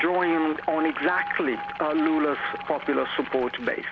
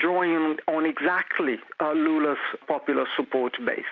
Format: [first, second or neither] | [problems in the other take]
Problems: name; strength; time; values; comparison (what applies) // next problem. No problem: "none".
second | background sound (Boiling + Alarm); 10 dB below the speech